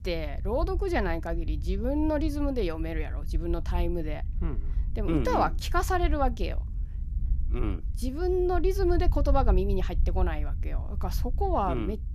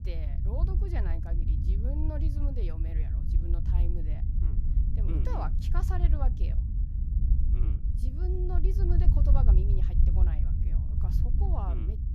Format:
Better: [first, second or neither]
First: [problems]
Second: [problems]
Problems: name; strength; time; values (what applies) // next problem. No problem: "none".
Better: first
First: low rumble; faint; throughout; 20 dB below the speech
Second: low rumble; loud; throughout; 3 dB below the speech